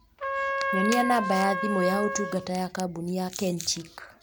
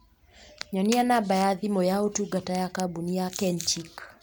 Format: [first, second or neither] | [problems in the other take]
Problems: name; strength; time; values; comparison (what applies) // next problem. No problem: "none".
second | background sound (Trumpet); 4 dB below the speech